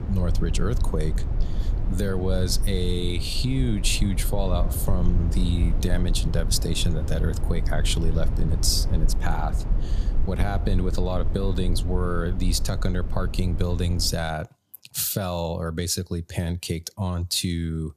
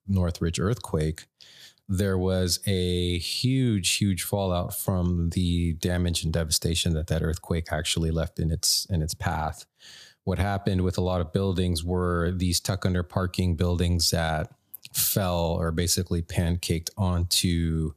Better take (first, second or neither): second